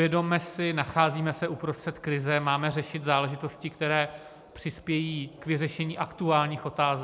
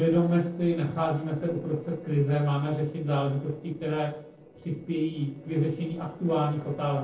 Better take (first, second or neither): first